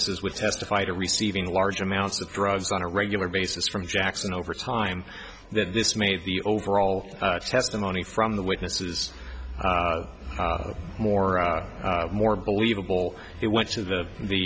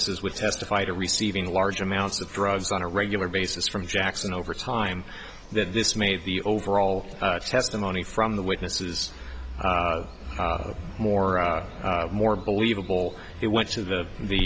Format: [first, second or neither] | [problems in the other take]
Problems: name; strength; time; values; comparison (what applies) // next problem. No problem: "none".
first | background sound (Water); 15 dB below the speech